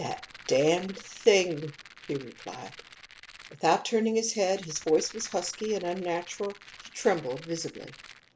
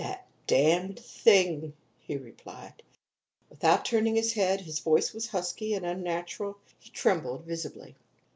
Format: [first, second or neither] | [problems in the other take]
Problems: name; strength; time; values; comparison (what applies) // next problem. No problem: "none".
second | background sound (Rattle); 20 dB below the speech